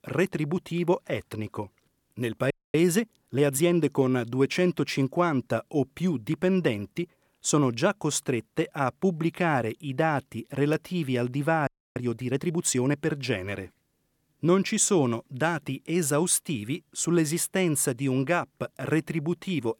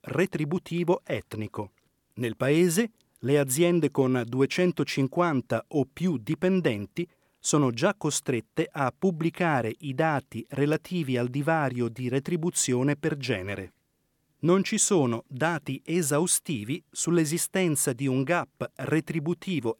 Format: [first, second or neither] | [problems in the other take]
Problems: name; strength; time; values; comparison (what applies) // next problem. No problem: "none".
second | audio freezing; at 2.5 s and at 12 s